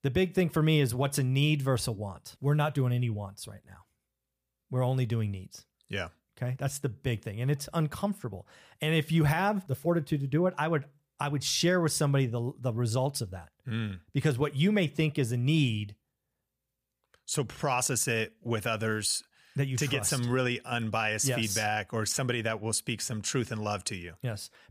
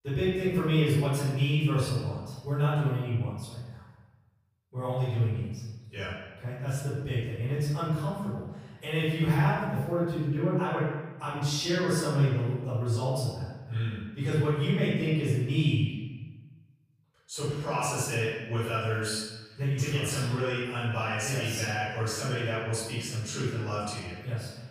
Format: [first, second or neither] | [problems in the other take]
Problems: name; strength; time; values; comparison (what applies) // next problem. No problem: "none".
first | off-mic speech; far // room echo; strong; dies away in 1.1 s